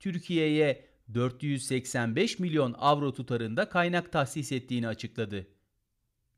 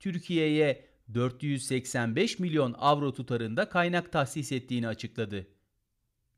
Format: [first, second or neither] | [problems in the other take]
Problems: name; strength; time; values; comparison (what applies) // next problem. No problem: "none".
neither | none